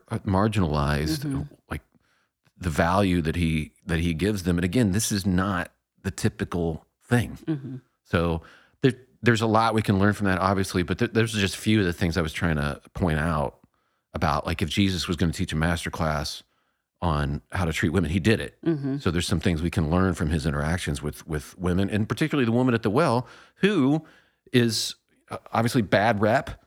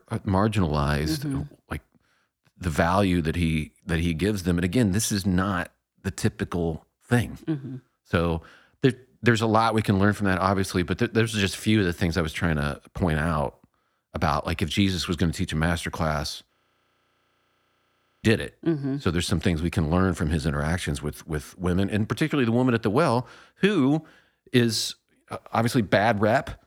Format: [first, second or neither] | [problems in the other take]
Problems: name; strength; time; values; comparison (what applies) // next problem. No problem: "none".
first | audio freezing; at 17 s for 1.5 s